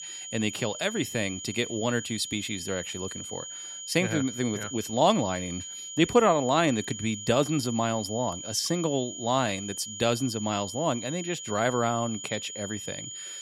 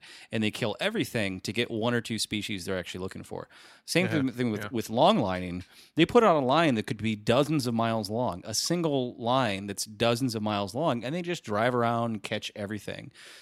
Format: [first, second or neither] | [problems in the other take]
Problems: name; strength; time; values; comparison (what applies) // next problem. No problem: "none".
second | high-pitched whine; loud; throughout; 7 kHz, 8 dB below the speech